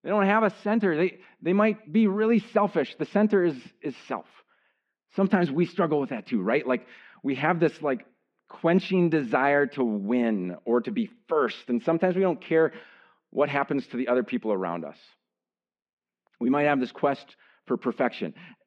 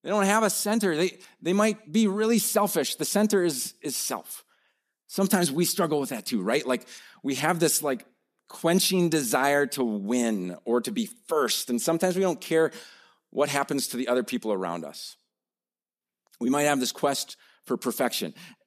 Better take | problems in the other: second | muffled; very; fading above 2.5 kHz

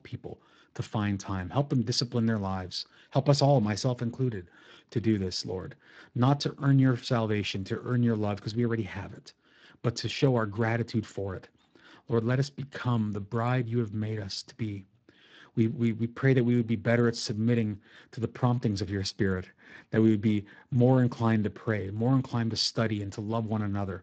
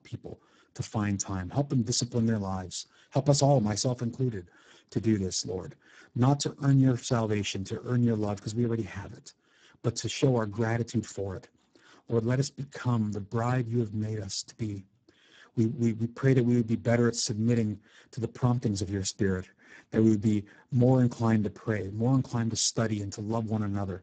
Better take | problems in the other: first | garbled, watery; badly; nothing above 7.5 kHz; slightly in the first

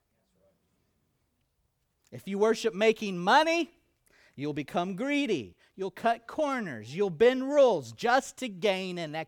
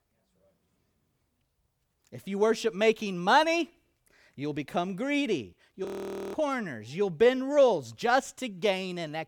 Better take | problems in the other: first | audio freezing; at 6 s

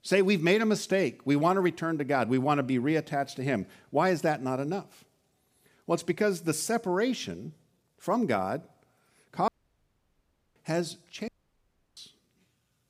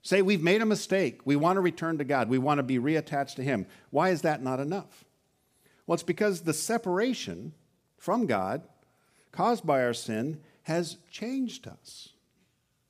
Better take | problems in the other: second | audio cutting out; at 9.5 s for 1 s and at 11 s for 0.5 s

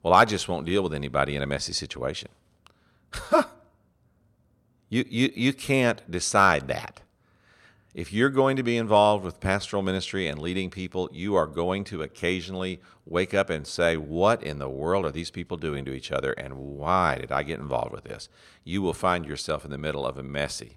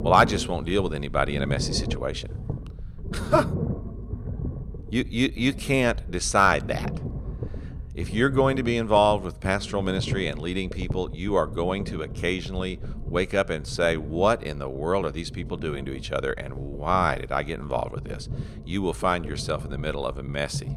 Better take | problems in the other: first | low rumble; noticeable; throughout; 20 dB below the speech

